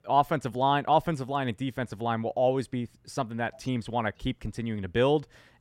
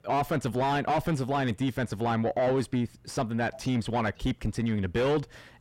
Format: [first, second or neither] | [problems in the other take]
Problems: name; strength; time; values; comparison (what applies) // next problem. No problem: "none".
first | distortion; heavy; 5 dB below the speech